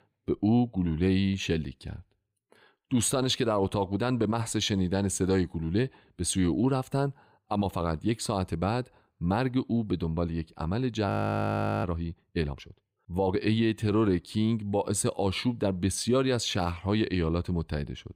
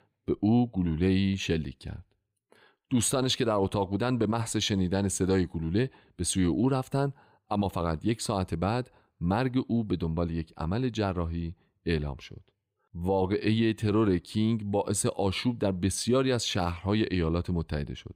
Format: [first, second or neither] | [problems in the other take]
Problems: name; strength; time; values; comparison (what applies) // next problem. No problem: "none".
second | audio freezing; at 11 s for 0.5 s